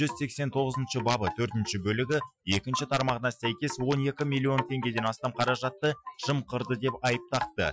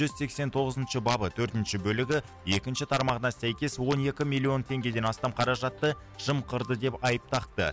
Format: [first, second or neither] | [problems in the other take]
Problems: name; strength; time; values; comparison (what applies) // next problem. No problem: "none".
second | noise reduction (classical method Wiener filter)